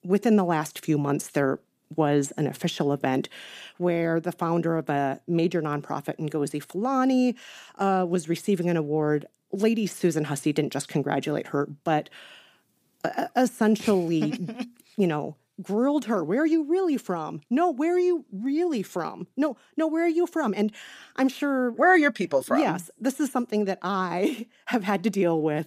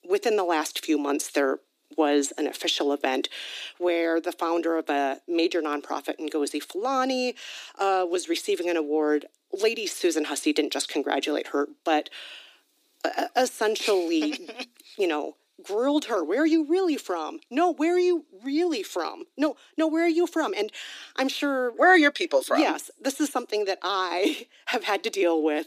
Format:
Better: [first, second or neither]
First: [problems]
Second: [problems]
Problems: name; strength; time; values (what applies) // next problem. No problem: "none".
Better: first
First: none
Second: thin; very slightly; fading below 300 Hz